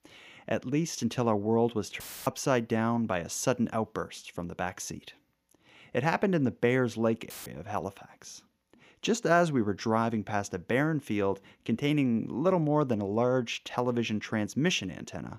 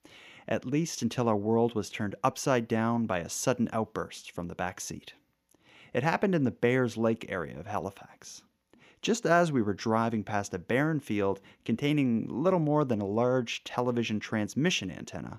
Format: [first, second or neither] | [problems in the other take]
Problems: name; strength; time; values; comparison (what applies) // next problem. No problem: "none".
second | audio cutting out; filled with static; at 2 s and at 7.5 s